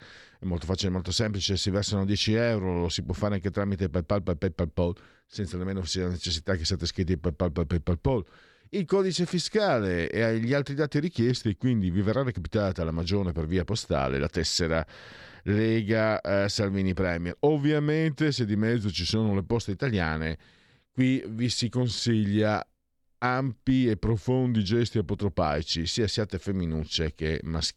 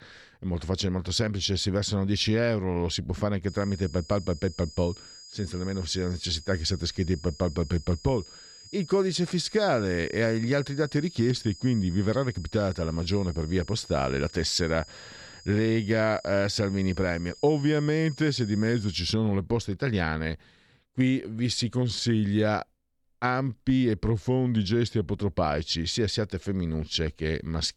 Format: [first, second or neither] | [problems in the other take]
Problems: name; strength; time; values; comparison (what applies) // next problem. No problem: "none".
first | high-pitched whine; noticeable; from 3.5 to 19 s; 5 kHz, 20 dB below the speech